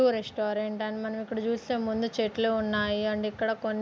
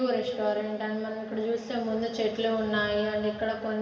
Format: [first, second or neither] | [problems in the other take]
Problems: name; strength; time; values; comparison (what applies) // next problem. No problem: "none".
first | room echo; dies away in 2.3 s